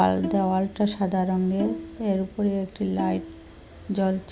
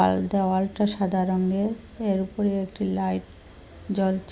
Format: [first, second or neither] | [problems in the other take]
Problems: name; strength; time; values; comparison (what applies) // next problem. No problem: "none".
second | background sound (Bowed string instrument); 12 dB below the speech